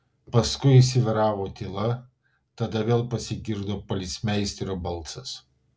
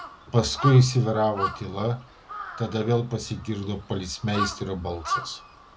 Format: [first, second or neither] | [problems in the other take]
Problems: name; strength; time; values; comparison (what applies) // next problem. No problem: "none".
first | background sound (Crow); 10 dB below the speech